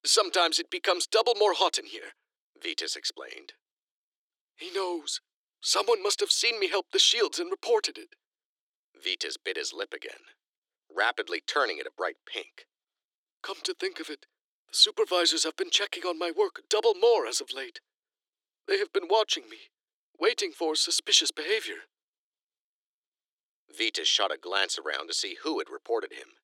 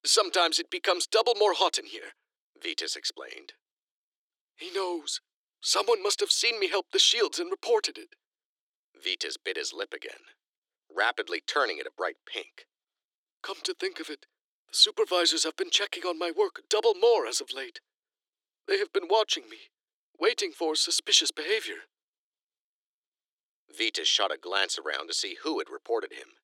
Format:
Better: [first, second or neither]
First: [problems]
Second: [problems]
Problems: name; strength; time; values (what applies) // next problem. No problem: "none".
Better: neither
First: thin; very; fading below 300 Hz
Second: thin; very; fading below 300 Hz